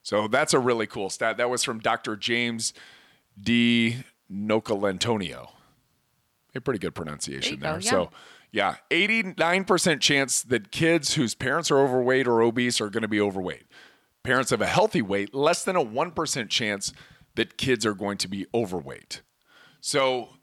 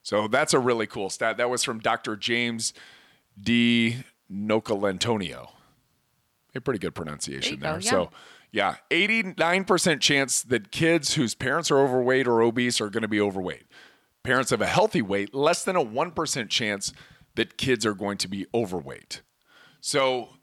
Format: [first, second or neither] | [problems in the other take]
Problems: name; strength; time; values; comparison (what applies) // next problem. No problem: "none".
neither | none